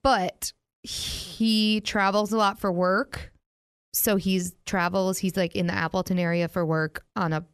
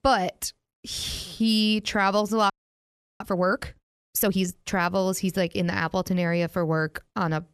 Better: first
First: none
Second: audio freezing; at 2.5 s for 0.5 s

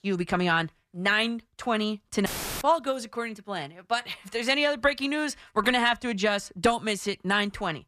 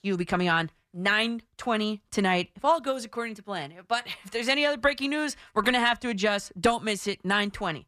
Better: second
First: audio cutting out; filled with static; at 2.5 s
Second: none

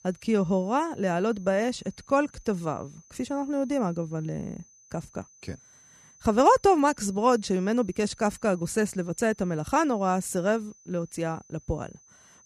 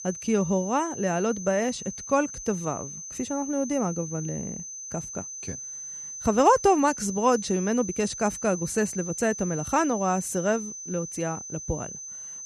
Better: first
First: high-pitched whine; faint; throughout; 6 kHz, 25 dB below the speech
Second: high-pitched whine; loud; throughout; 6 kHz, 9 dB below the speech

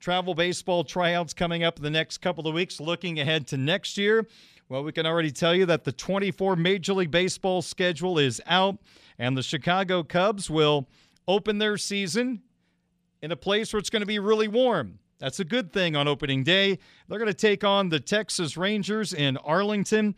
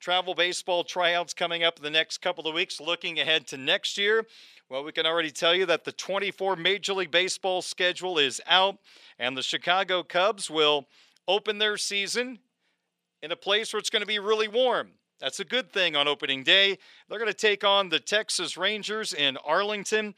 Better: first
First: none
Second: thin; somewhat; fading below 450 Hz

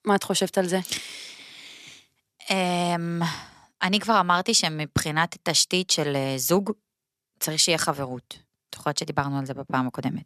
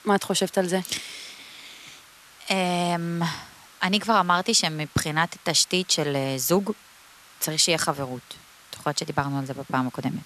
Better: first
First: none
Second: hiss; faint; throughout; 25 dB below the speech

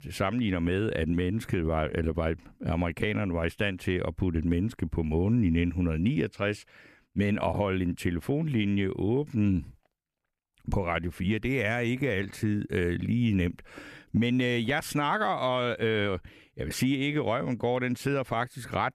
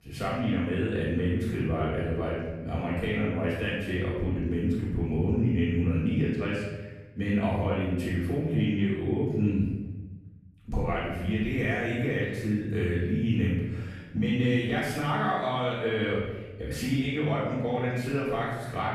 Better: first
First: none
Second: off-mic speech; far // room echo; strong; dies away in 1.1 s

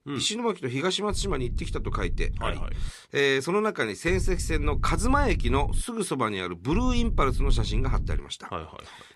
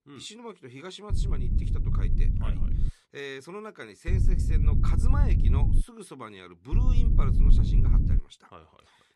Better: first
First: low rumble; faint; from 1 to 3 s, from 4 to 6 s and from 6.5 to 8 s; 20 dB below the speech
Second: low rumble; loud; from 1 to 3 s, from 4 to 6 s and from 6.5 to 8 s; as loud as the speech

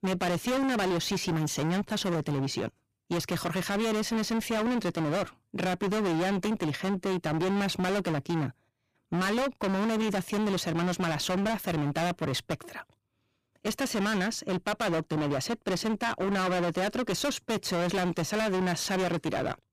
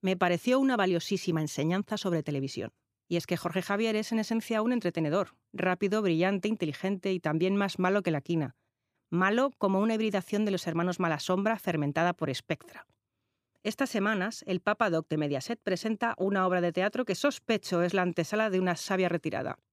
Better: second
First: distortion; heavy; 38% of the sound clipped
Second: none

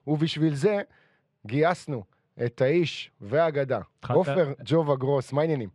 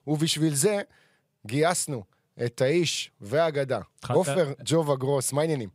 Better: second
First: muffled; slightly; fading above 2.5 kHz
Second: none

